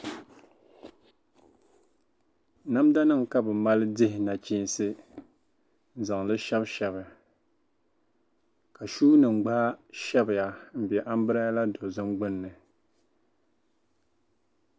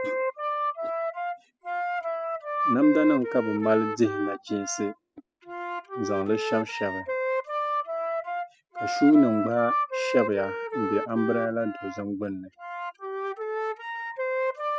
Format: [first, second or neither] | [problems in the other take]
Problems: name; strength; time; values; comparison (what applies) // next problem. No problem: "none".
first | noise reduction (classical method spectral subtraction)